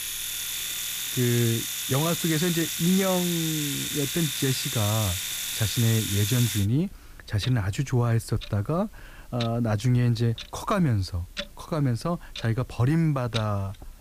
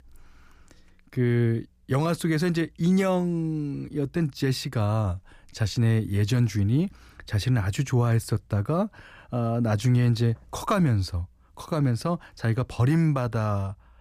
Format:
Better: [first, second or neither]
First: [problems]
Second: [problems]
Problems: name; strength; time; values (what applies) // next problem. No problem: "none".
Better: second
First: household noises; loud; throughout; 3 dB below the speech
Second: none